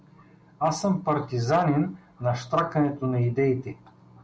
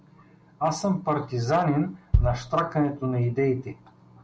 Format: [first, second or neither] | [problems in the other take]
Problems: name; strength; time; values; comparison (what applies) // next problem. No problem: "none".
first | background sound (Bass drum); 3 dB below the speech